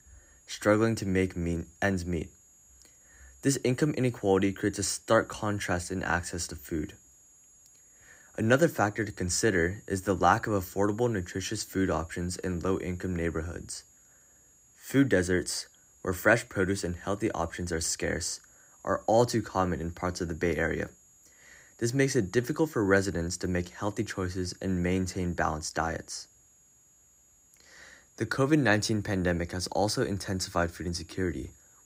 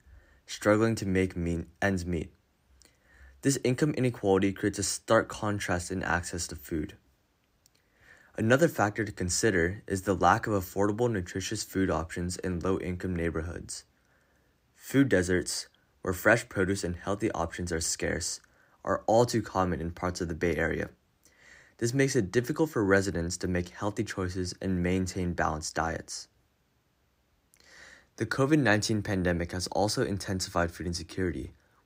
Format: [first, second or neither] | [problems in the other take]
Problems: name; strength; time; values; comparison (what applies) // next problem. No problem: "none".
second | high-pitched whine; faint; throughout; 7 kHz, 25 dB below the speech